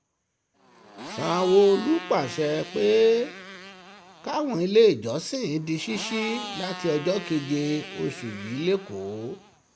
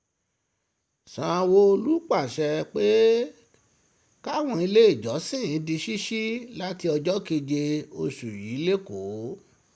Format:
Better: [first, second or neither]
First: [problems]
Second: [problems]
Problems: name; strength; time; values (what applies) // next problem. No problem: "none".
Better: second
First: background sound (Motorcycle); 15 dB below the speech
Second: none